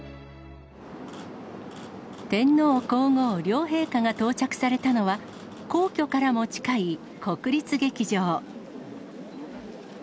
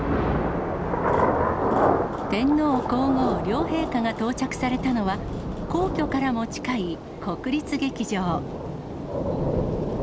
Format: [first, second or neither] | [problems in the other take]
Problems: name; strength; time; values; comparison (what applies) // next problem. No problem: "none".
first | background sound (Thunder / Rain); 1 dB above the speech